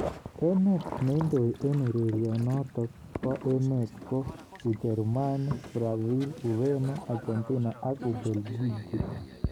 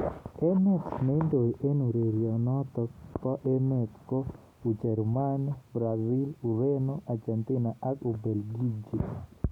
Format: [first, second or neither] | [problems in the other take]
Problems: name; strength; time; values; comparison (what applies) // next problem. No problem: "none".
second | background sound (Boat, Water vehicle); 16 dB below the speech